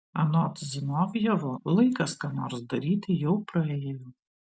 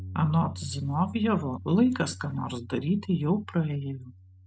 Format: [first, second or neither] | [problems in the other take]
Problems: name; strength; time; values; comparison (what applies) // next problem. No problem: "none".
first | background sound (Bass guitar); 15 dB below the speech